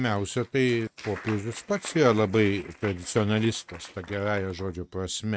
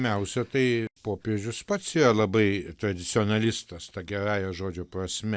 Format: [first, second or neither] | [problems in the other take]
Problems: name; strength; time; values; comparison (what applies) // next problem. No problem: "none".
second | noise reduction (neural mask model RNNoise)